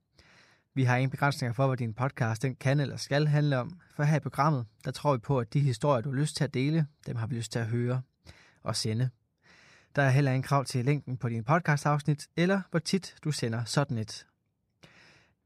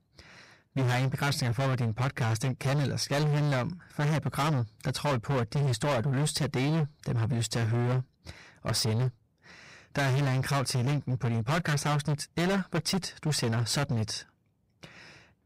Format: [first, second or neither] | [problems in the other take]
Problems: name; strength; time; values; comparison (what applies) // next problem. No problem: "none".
first | distortion; heavy; 27% of the sound clipped